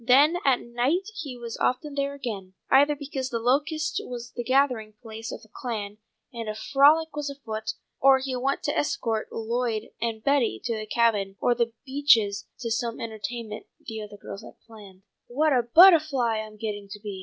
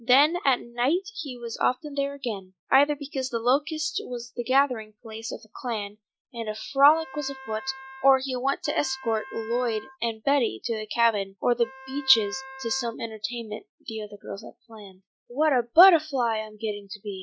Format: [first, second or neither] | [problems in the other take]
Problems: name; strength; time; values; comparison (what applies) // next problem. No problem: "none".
first | noise reduction (classical method Wiener filter)